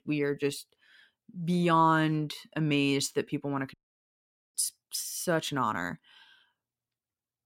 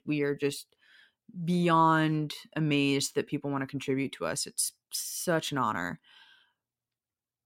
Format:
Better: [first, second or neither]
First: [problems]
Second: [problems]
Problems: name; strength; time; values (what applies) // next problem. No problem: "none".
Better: second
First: audio cutting out; at 3.5 s for 1 s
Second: none